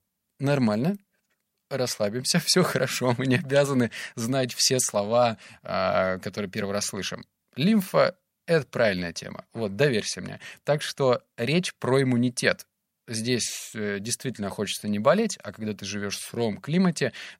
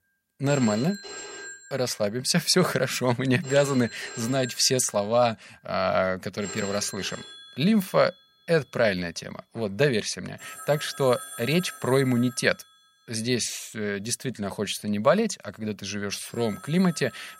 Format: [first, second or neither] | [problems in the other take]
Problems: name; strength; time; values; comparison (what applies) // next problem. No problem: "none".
first | alarms or sirens; noticeable; throughout; 15 dB below the speech